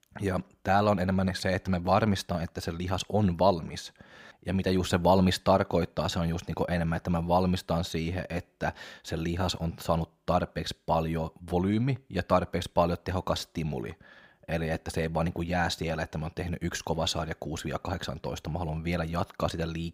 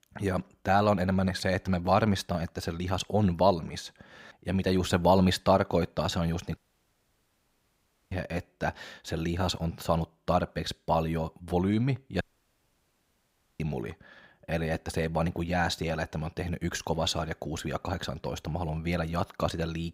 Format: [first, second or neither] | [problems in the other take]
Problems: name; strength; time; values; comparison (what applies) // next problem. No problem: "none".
first | audio cutting out; at 6.5 s for 1.5 s and at 12 s for 1.5 s